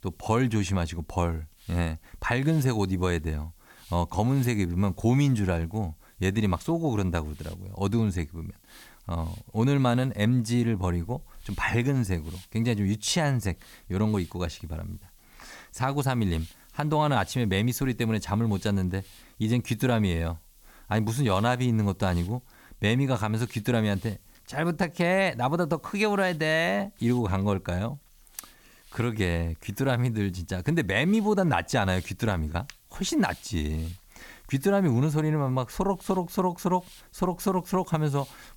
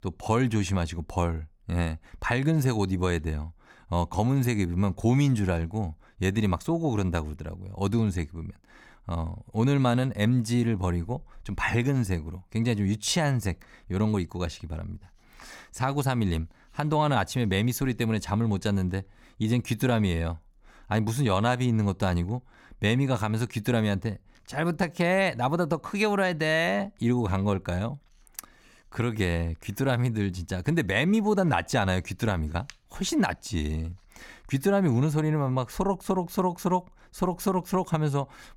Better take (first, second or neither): second